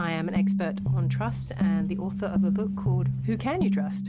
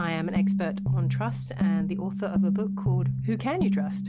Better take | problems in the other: second | background sound (Boat, Water vehicle); 19 dB below the speech

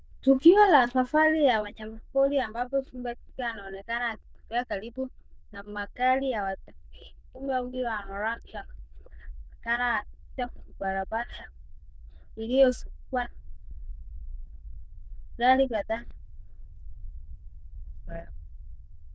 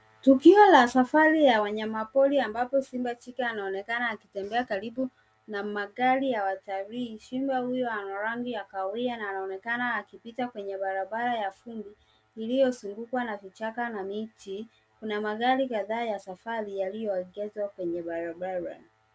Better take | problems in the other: second | noise reduction (neural diffusion model UNIVERSE++)

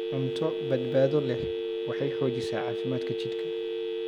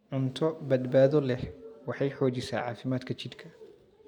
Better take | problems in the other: second | background sound (Telephone); as loud as the speech

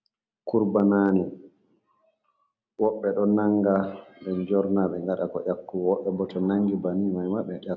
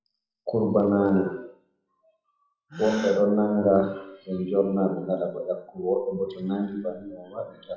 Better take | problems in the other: first | noise reduction (classical method WPE with log-MMSE)

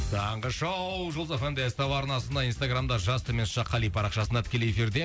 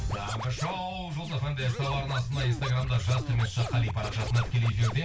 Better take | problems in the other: first | background sound (Scratching (performance technique)); 12 dB below the speech // room echo; dies away in 0.2 s

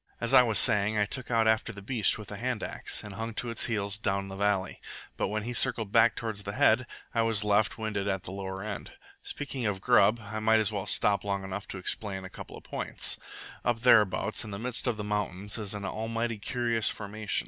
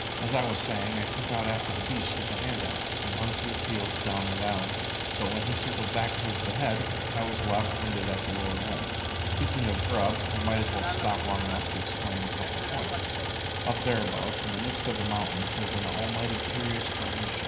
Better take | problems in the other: first | background sound (Idling); 2 dB above the speech // room echo; dies away in 0.9 s

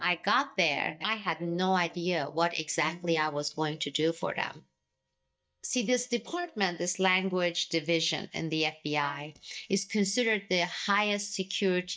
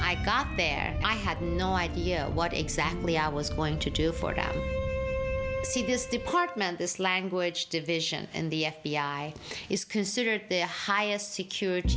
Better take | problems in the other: second | noise reduction (neural mask model DeepFilterNet 3)

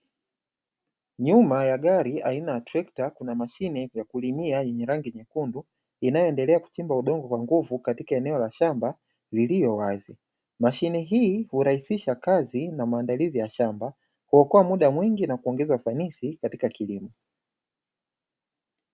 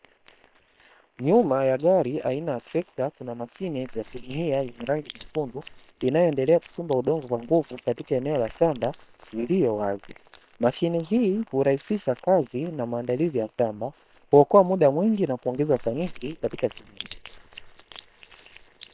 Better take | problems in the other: first | noise reduction (neural separator model SepFormer WHAM!)

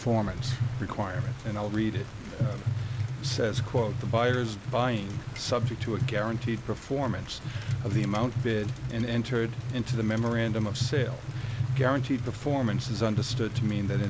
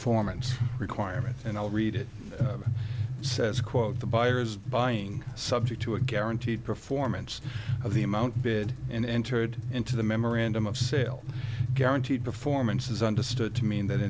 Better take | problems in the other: second | background sound (Rain); 18 dB below the speech

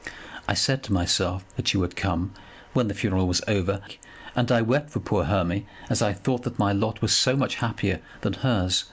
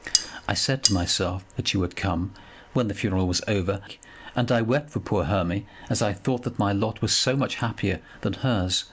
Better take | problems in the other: first | background sound (Cutlery, silverware); 1 dB below the speech

